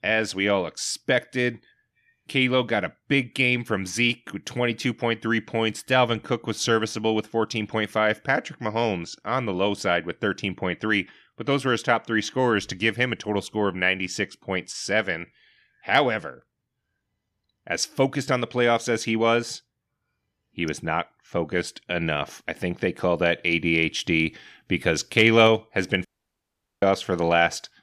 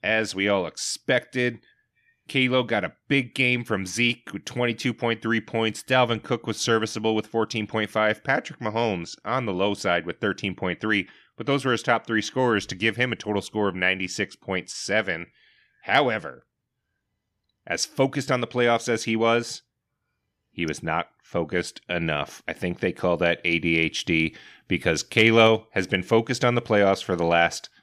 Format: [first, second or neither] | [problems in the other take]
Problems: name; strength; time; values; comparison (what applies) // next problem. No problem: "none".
second | audio cutting out; at 26 s for 1 s